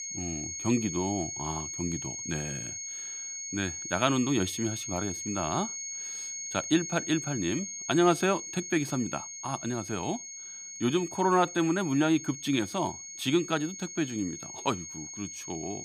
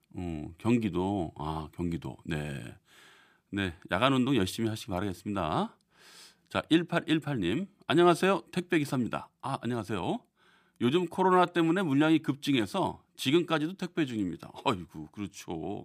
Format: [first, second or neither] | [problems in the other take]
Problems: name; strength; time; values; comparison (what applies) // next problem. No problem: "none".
second | high-pitched whine; loud; throughout; 6.5 kHz, 6 dB below the speech